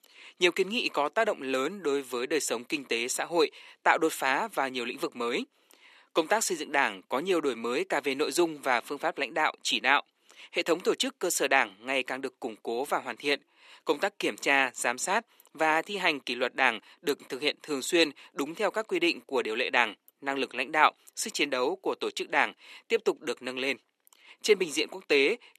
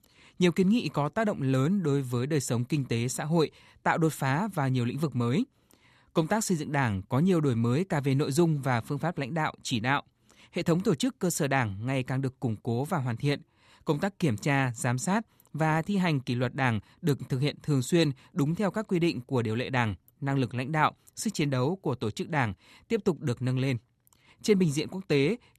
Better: second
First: thin; very; fading below 350 Hz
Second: none

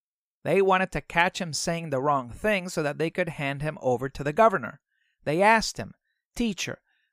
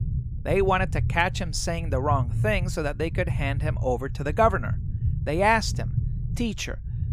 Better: first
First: none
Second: low rumble; noticeable; throughout; 20 dB below the speech

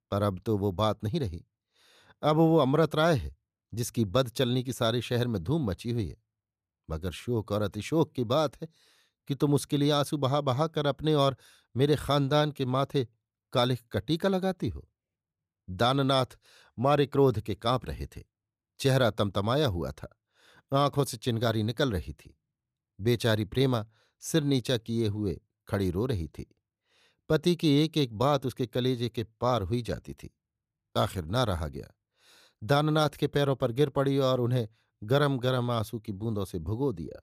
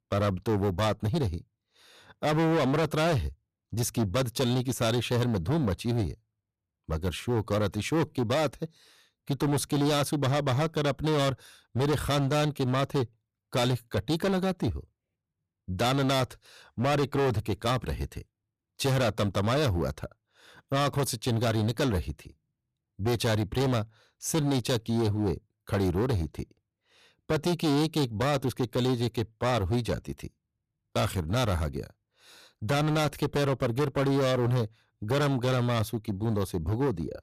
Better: first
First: none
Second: distortion; heavy; 17% of the sound clipped

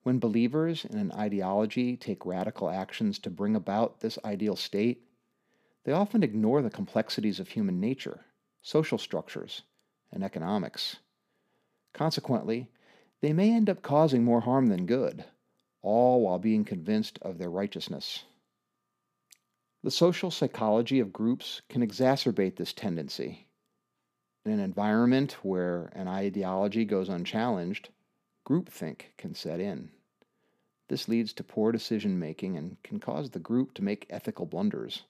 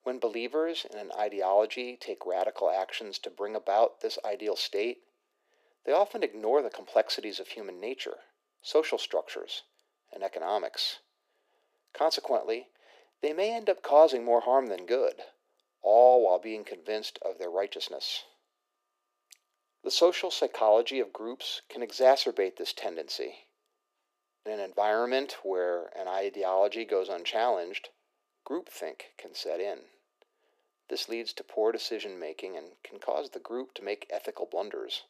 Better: first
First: none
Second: thin; very; fading below 350 Hz

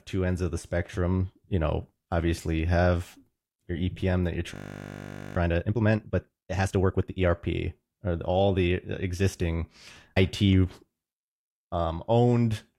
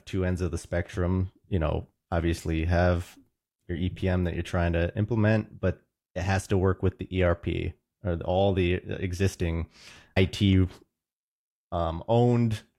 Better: second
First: audio freezing; at 4.5 s for 1 s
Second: none

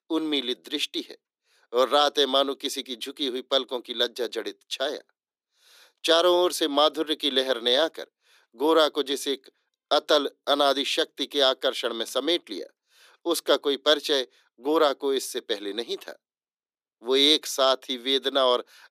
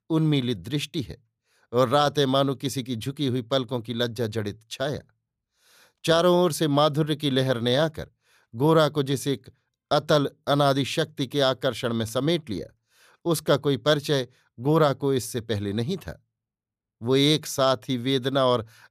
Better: second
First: thin; somewhat; fading below 300 Hz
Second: none

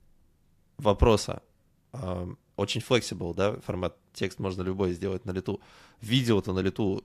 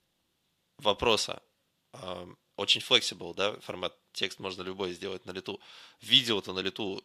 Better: first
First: none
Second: thin; somewhat; fading below 1 kHz

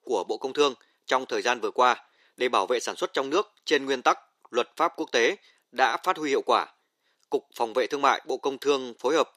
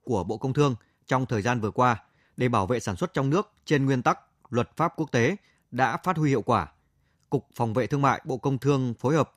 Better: second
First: thin; somewhat; fading below 350 Hz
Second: none

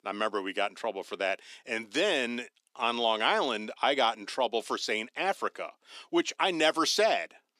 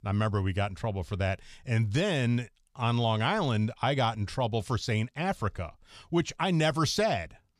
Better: second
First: thin; very; fading below 300 Hz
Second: none

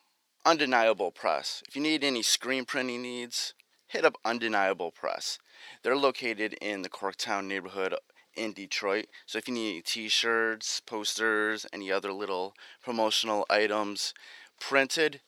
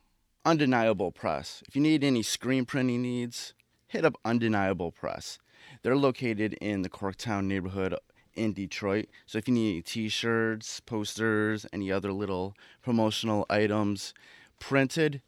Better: second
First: thin; somewhat; fading below 500 Hz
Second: none

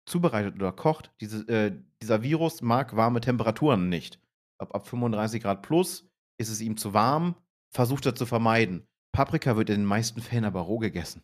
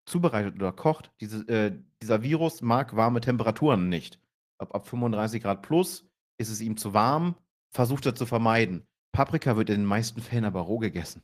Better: first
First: none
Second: garbled, watery; slightly; nothing above 14.5 kHz

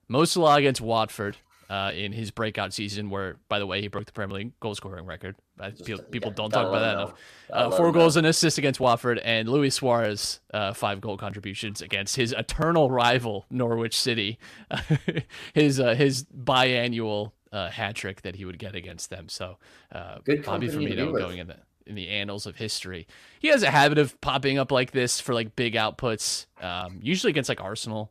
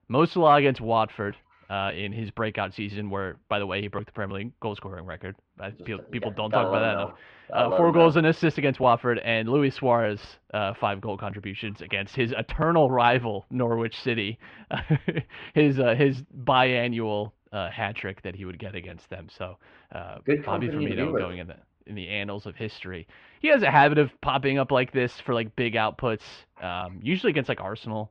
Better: first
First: none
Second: muffled; very; fading above 3 kHz

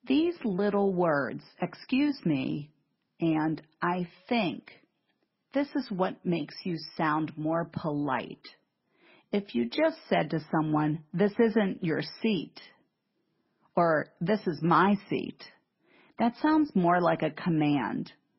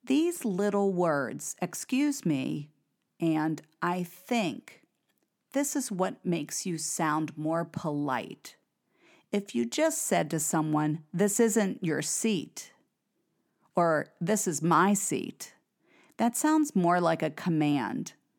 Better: second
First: garbled, watery; badly; nothing above 5.5 kHz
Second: none

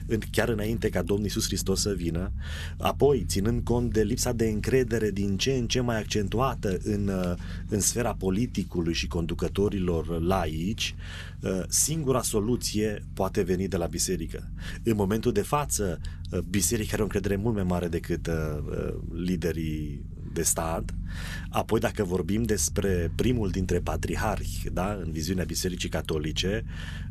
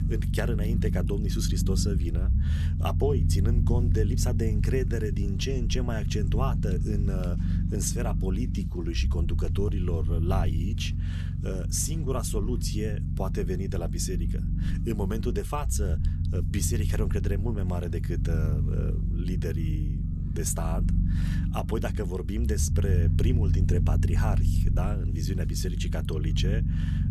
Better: first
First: low rumble; faint; throughout; 20 dB below the speech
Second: low rumble; loud; throughout; 6 dB below the speech

